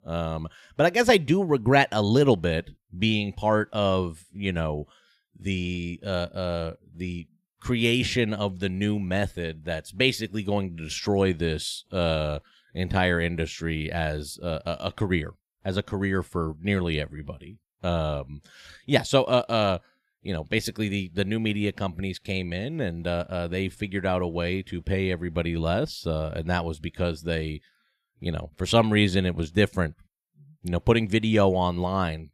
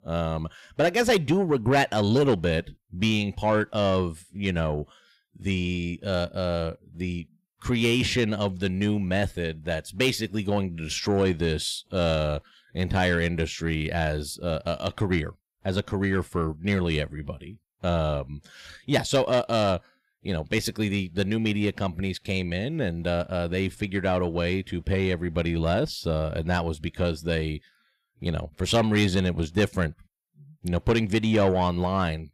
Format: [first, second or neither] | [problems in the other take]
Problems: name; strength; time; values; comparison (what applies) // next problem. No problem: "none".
first | distortion; slight; 10 dB below the speech